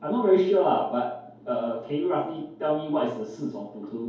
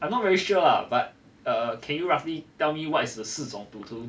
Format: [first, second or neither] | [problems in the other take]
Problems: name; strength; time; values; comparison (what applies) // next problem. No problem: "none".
second | room echo; dies away in 2.4 s